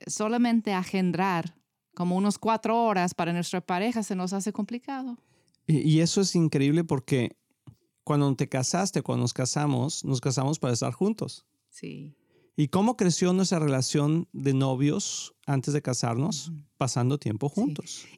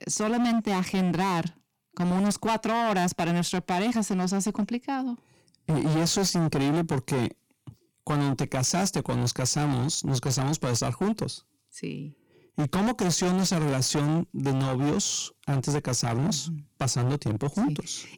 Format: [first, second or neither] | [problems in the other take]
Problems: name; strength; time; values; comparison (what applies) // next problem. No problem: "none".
first | distortion; heavy; 20% of the sound clipped